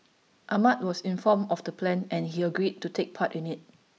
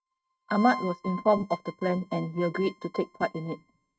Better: first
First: none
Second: noise reduction (neural mask model RNNoise)

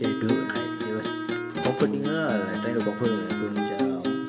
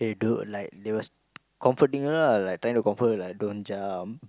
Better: second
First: background sound (Acoustic guitar); 1 dB above the speech // room echo; dies away in 1.7 s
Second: none

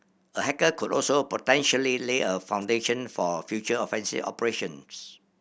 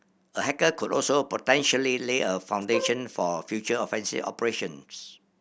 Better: first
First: none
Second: background sound (Bowed string instrument); 7 dB below the speech

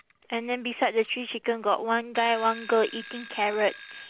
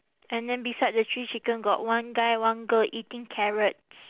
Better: second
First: background sound (Alarm / Clock); 18 dB below the speech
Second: none

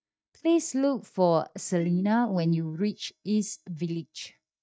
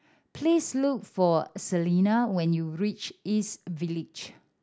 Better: second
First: noise reduction (neural mask model DeepFilterNet 3)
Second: none

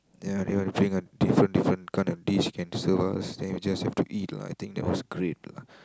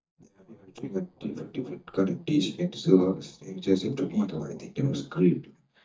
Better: first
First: none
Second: noise reduction (neural mask model DeepFilterNet 3)

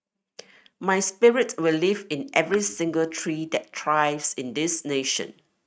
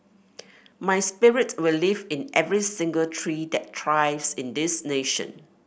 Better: second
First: noise reduction (neural mask model RNNoise)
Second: none

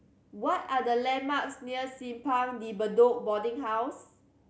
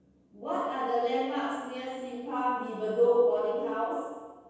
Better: first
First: none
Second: room echo; dies away in 1.2 s

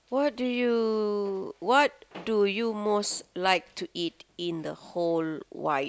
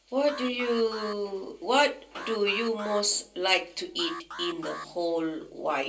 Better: first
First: none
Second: background sound (Alarm); 14 dB below the speech // room echo; dies away in 0.3 s

